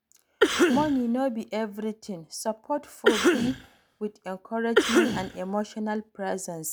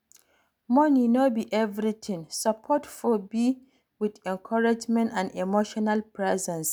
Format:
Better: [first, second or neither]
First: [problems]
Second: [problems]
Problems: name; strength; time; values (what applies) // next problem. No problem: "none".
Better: second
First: background sound (Cough); 4 dB above the speech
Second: none